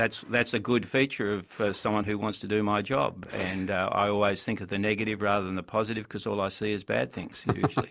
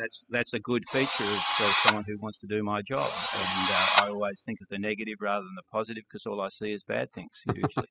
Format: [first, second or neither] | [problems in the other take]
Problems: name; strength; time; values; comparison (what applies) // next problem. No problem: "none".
first | noise reduction (classical method spectral subtraction)